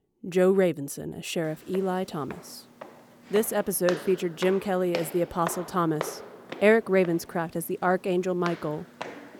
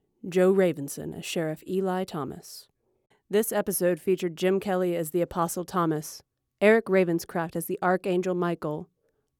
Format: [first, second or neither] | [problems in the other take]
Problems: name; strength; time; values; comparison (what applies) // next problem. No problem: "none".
second | footsteps; noticeable; from 1.5 s on; peak 8 dB below the speech